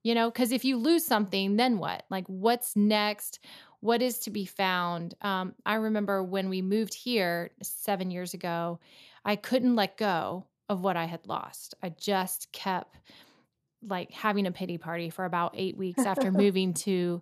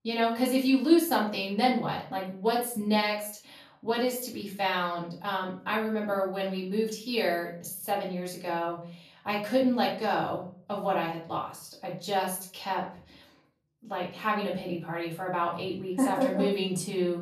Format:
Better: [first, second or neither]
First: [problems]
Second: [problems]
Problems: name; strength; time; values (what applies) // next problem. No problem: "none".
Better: first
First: none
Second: off-mic speech; far // room echo; slight; dies away in 0.4 s